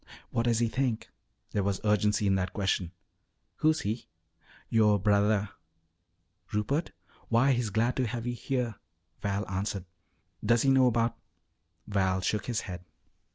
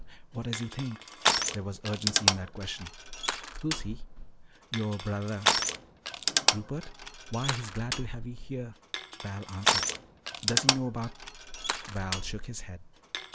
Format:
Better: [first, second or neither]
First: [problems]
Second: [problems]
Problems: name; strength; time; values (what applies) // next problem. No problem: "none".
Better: first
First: none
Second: background sound (Crushing); 4 dB above the speech